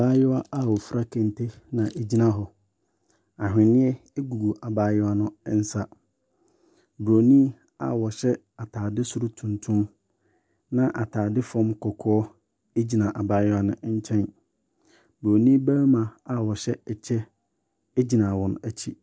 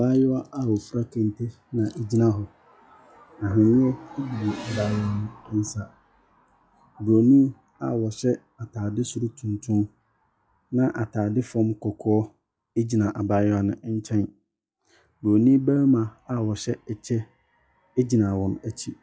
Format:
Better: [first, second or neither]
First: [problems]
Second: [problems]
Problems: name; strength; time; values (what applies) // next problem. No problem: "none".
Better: first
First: none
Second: noise reduction (classical method log-MMSE)